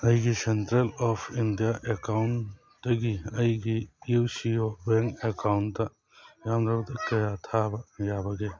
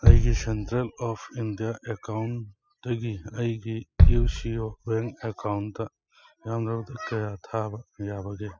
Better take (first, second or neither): first